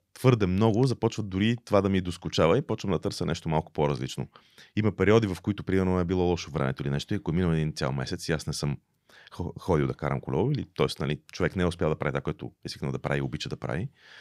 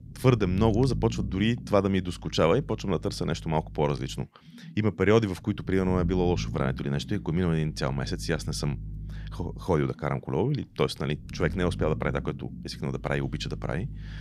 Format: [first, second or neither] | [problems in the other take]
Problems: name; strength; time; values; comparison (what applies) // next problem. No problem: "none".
first | low rumble; noticeable; throughout; 20 dB below the speech